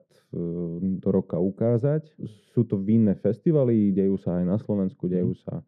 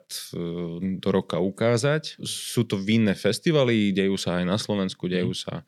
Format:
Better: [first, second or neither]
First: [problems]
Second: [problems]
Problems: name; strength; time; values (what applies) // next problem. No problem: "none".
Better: second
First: muffled; very; fading above 1.5 kHz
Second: none